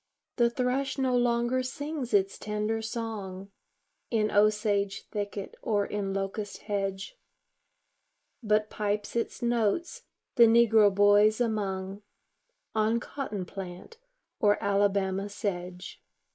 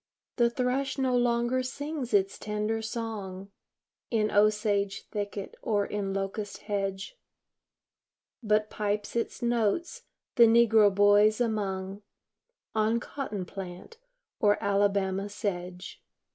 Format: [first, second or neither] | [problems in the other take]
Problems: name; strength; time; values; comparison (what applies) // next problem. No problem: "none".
second | noise reduction (neural mask model Resemble Enhance denoiser)